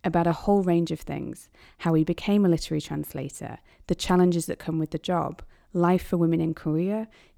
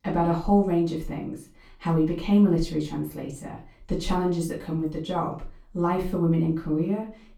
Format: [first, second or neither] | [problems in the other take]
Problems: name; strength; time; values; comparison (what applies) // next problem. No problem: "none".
first | off-mic speech; far // room echo; slight; dies away in 0.3 s